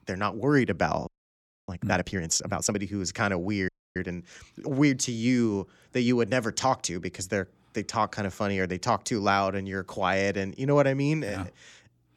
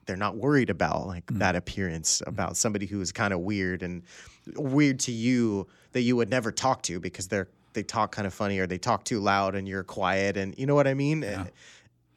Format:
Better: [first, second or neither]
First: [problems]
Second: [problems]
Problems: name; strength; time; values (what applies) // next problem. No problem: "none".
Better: second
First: audio freezing; at 1 s for 0.5 s and at 3.5 s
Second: none